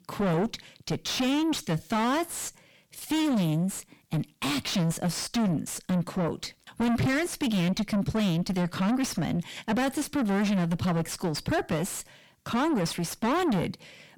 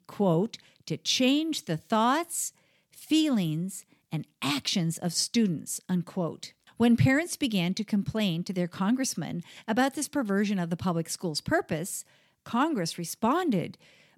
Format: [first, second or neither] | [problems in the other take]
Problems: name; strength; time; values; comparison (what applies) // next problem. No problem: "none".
second | distortion; heavy; 5 dB below the speech